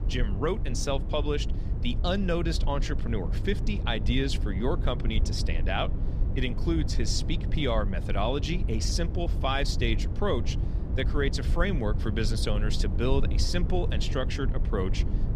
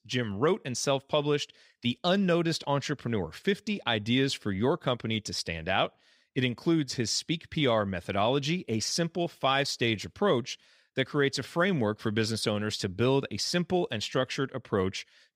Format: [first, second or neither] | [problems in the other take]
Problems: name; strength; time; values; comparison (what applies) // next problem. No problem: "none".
second | low rumble; noticeable; throughout; 10 dB below the speech